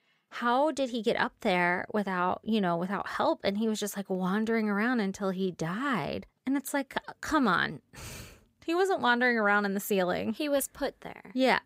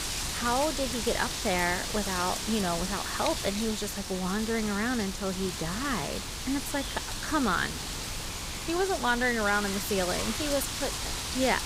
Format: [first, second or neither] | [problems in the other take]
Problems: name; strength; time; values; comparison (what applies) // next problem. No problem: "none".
first | wind noise on the microphone; heavy; 4 dB below the speech